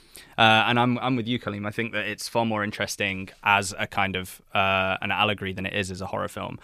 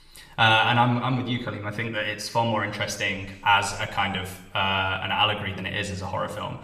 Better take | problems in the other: first | room echo; slight; dies away in 0.8 s

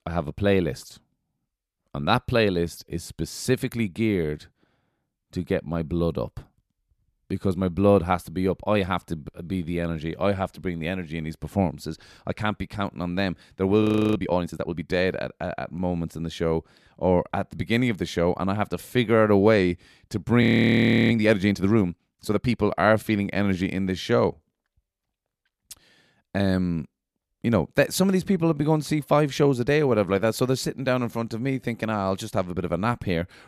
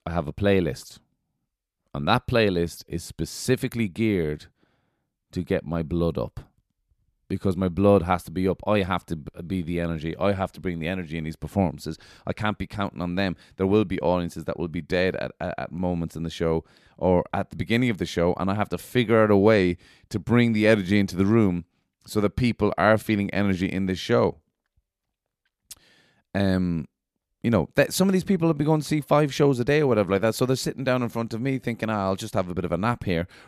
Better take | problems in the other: second | audio freezing; at 14 s and at 20 s for 0.5 s

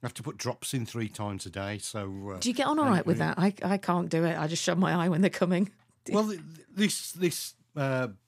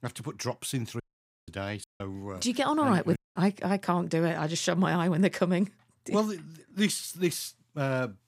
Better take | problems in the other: first | audio cutting out; at 1 s, at 2 s and at 3 s

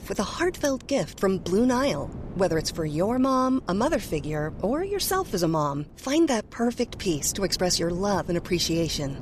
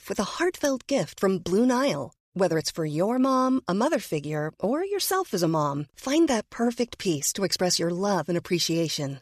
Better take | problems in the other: second | wind noise on the microphone; occasional gusts; 20 dB below the speech

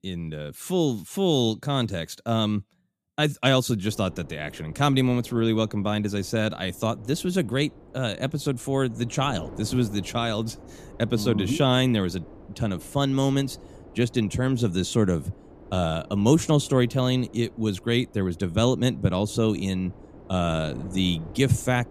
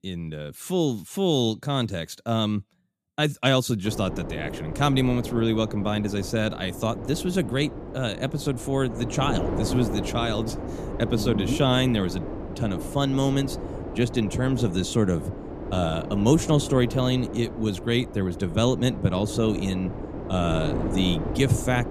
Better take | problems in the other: first | wind noise on the microphone; heavy; from 4 s on; 9 dB below the speech; occasional gusts in the first

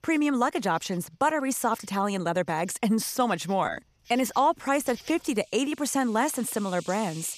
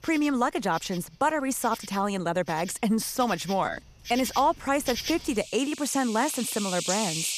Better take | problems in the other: first | animal sounds; loud; throughout; 9 dB below the speech; faint in the first

